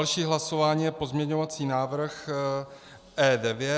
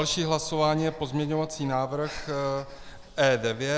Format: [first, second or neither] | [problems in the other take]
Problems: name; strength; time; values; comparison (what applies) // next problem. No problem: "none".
first | background sound (Breathing); 17 dB below the speech